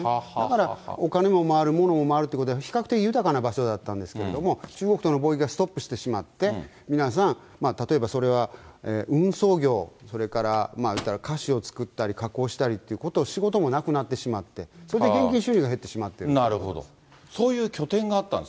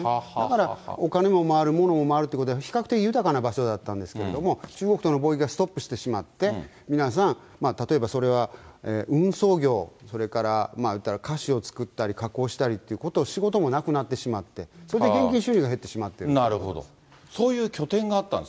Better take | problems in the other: second | background sound (Microwave oven); 18 dB below the speech

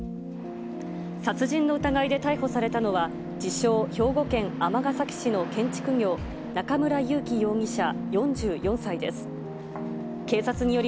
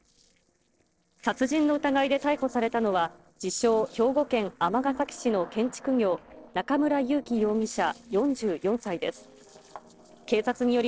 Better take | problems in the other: first | noise reduction (neural separator model SepFormer DNS4)

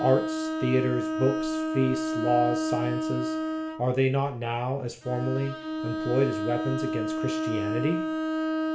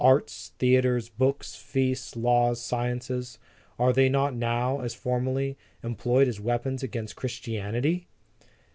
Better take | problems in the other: second | background sound (Bowed string instrument); 1 dB below the speech // room echo; dies away in 0.4 s

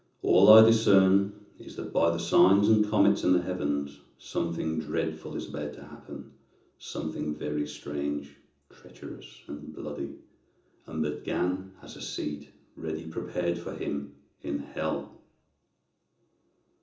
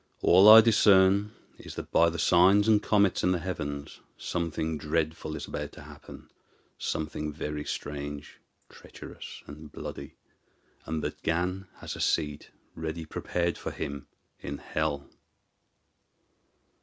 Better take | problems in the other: second | room echo; dies away in 0.7 s

